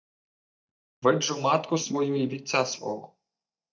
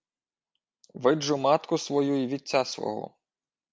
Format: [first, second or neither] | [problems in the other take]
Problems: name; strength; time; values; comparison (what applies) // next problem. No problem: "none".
second | noise reduction (neural mask model DeepFilterNet 3)